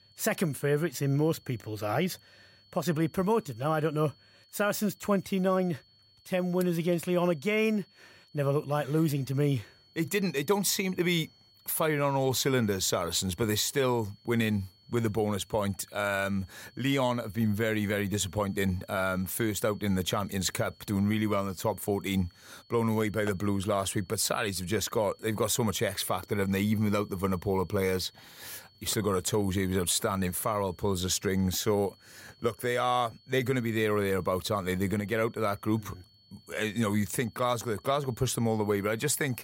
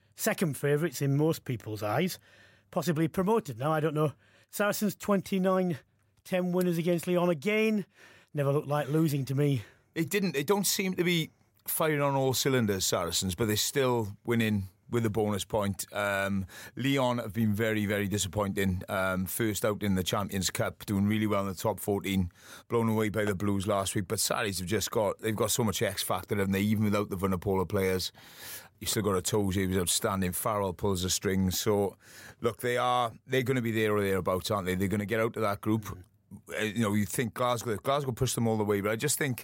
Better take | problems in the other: second | high-pitched whine; faint; throughout; 4.5 kHz, 30 dB below the speech

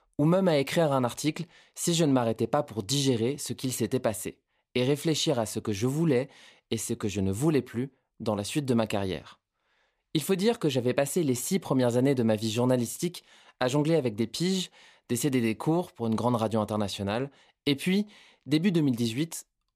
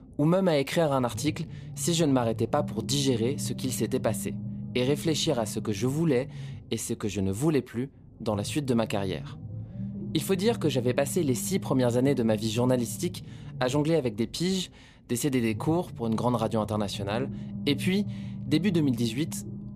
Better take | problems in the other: first | low rumble; noticeable; throughout; 15 dB below the speech

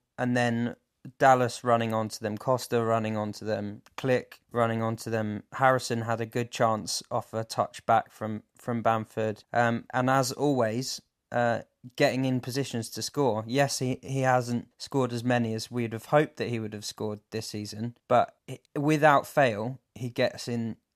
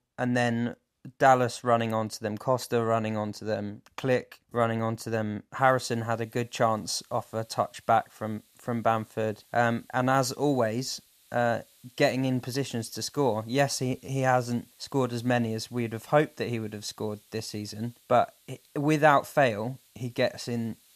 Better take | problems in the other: first | hiss; faint; from 5.5 s on; 30 dB below the speech

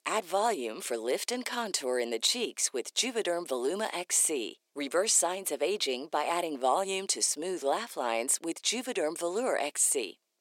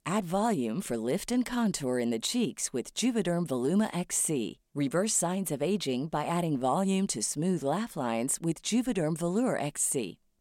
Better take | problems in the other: second | thin; somewhat; fading below 350 Hz

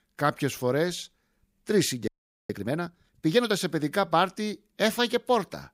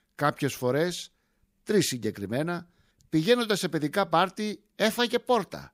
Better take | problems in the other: second | audio freezing; at 2 s

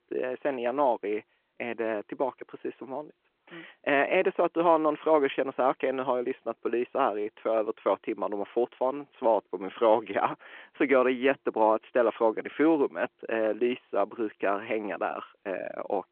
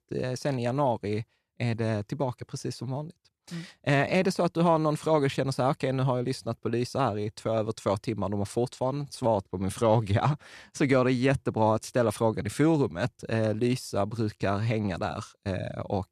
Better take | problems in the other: second | phone-call audio

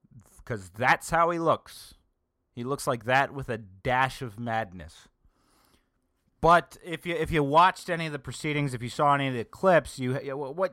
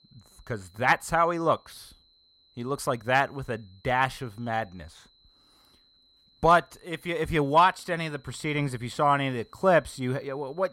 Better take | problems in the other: first | high-pitched whine; faint; throughout; 4 kHz, 35 dB below the speech

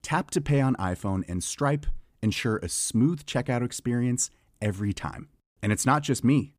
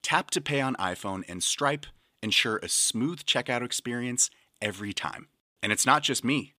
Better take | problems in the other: first | thin; somewhat; fading below 650 Hz

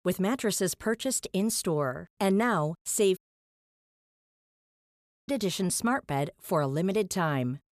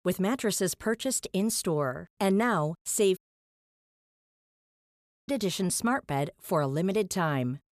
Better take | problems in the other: neither | audio cutting out; at 3 s for 2 s; the same in both

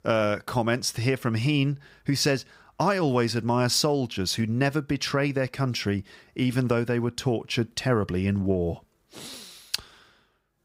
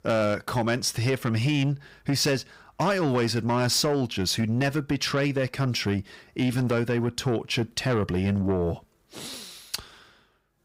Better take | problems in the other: first | distortion; slight; 10 dB below the speech

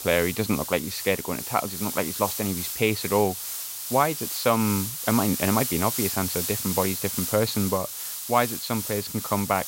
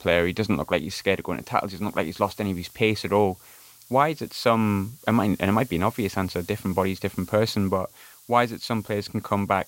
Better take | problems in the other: second | hiss; loud; throughout; 3 dB below the speech; faint in the second

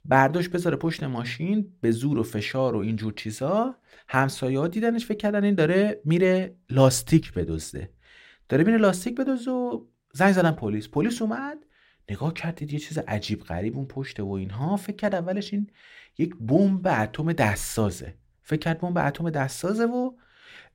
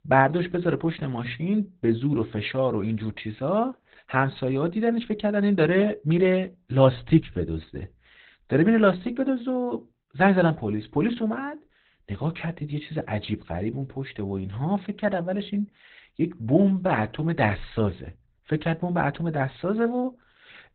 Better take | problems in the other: first | garbled, watery; badly; nothing above 4 kHz

